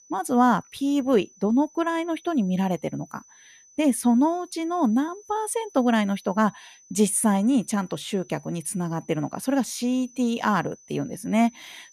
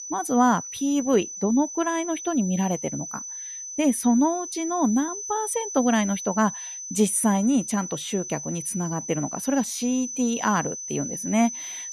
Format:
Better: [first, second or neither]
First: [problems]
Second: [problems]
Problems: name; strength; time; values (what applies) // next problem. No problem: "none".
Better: first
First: high-pitched whine; faint; throughout; 6 kHz, 25 dB below the speech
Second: high-pitched whine; loud; throughout; 6 kHz, 8 dB below the speech